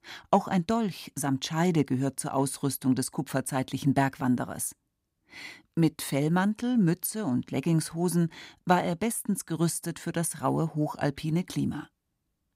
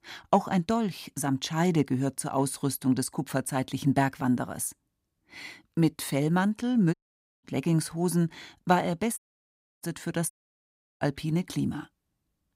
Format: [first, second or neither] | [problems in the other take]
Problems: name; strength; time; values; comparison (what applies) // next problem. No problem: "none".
first | audio cutting out; at 7 s, at 9 s for 0.5 s and at 10 s for 0.5 s